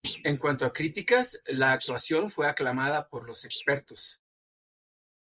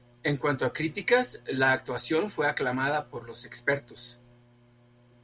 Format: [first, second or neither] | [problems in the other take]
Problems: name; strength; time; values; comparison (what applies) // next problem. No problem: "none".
second | noise reduction (neural mask model Resemble Enhance denoiser)